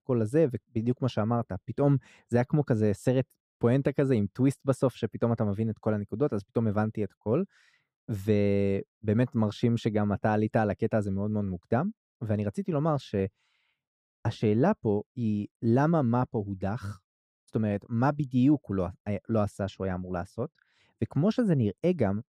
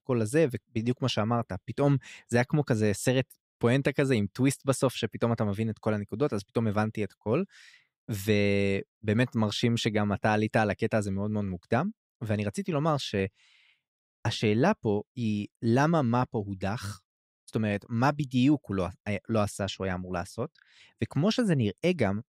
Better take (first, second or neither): second